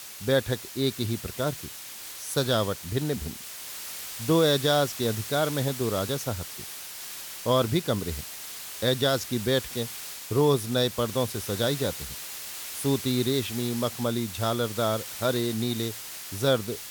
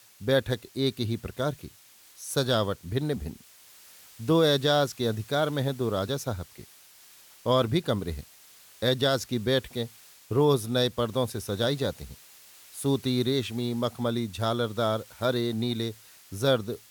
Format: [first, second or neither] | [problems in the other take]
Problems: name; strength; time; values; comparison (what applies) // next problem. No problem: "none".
second | hiss; loud; throughout; 9 dB below the speech; faint in the second